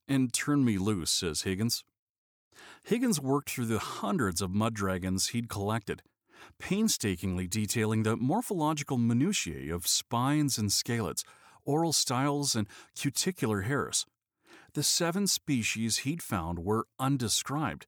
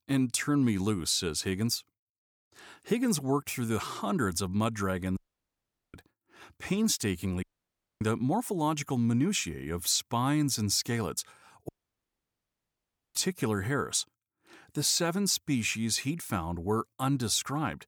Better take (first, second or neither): first